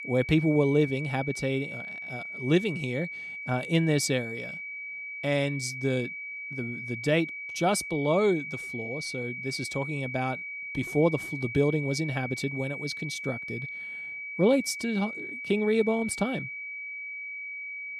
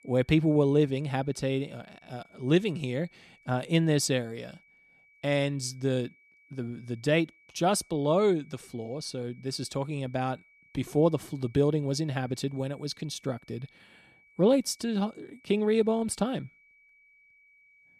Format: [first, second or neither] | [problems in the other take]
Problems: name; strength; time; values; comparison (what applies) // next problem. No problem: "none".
second | high-pitched whine; loud; throughout; 2.5 kHz, 7 dB below the speech; faint in the second